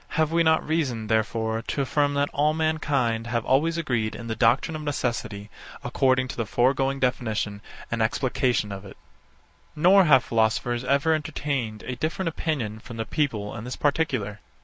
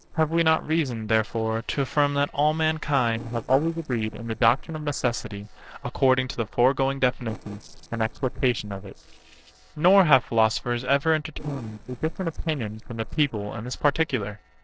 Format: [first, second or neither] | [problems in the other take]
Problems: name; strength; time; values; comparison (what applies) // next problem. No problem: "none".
first | noise reduction (neural separator model SepFormer DNS4)